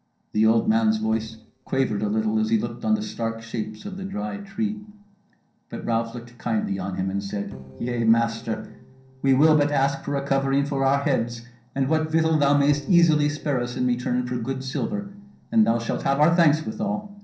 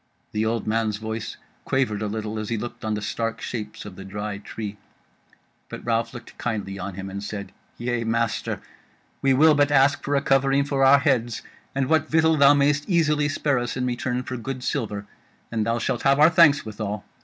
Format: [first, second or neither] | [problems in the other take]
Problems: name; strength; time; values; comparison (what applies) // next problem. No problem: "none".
second | noise reduction (neural separator model SepFormer DNS4)